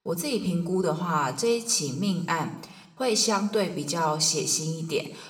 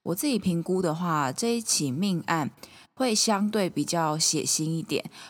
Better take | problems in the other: second | room echo; very slight; dies away in 0.7 s

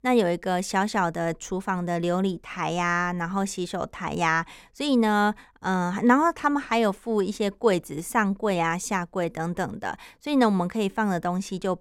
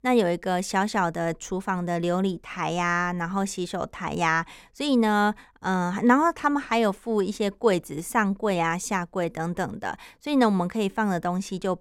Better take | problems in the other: neither | none

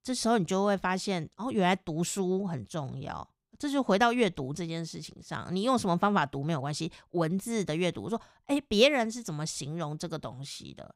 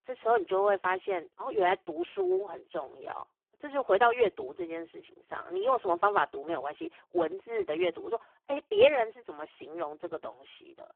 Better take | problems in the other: first | phone-call audio; poor line

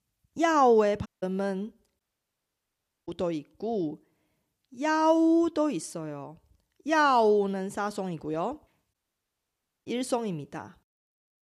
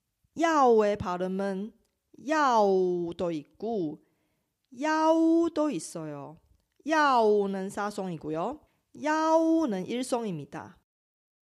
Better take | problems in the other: second | audio cutting out; at 1 s, at 2 s for 1 s and at 9 s for 1 s

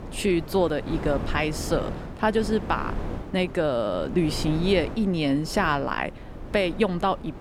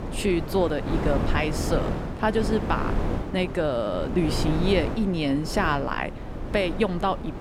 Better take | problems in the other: first | wind noise on the microphone; heavy; 7 dB below the speech; occasional gusts in the first

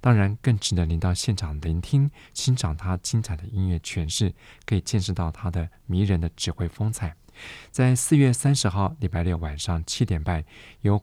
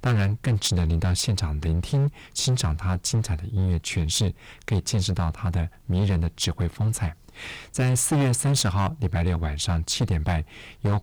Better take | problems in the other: first | distortion; heavy; 14% of the sound clipped

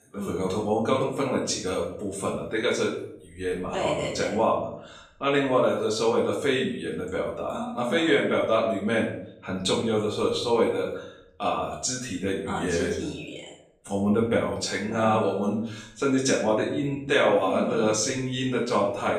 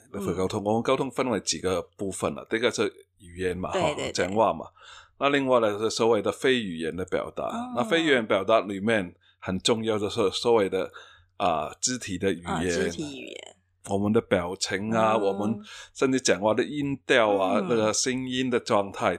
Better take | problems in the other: second | room echo; noticeable; dies away in 0.6 s // off-mic speech; far

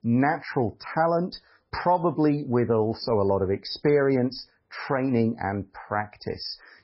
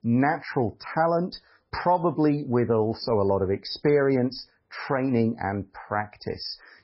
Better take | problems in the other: neither | garbled, watery; badly; nothing above 5.5 kHz; the same in both

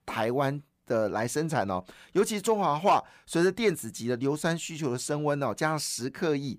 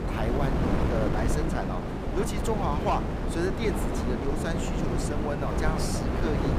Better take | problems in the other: first | wind noise on the microphone; heavy; as loud as the speech

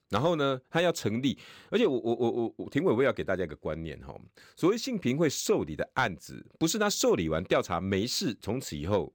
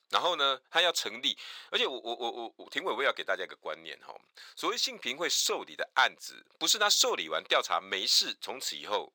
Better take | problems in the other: first | thin; very; fading below 900 Hz

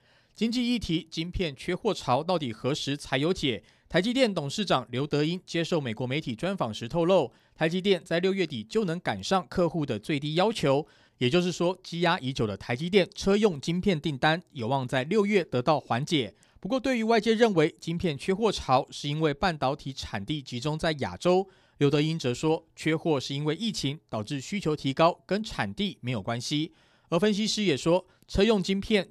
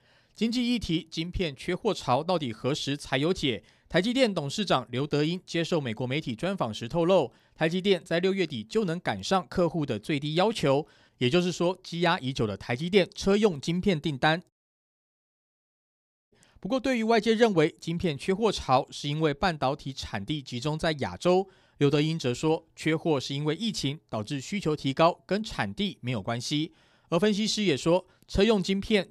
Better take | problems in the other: first | audio cutting out; at 15 s for 2 s

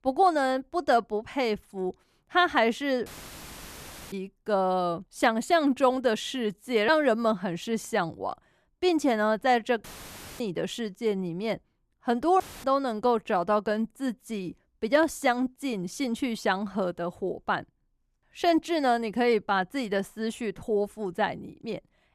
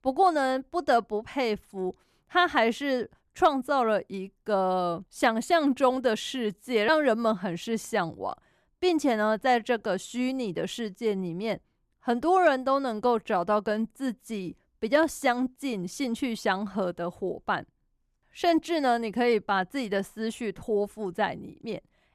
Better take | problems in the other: second | audio cutting out; filled with static; at 3 s for 1 s, at 10 s for 0.5 s and at 12 s

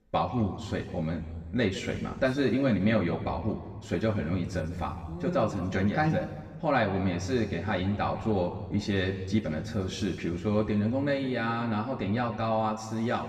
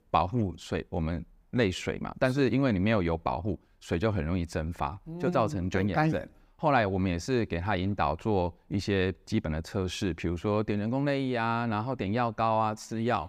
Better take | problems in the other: second | room echo; noticeable; dies away in 1.5 s // off-mic speech; far

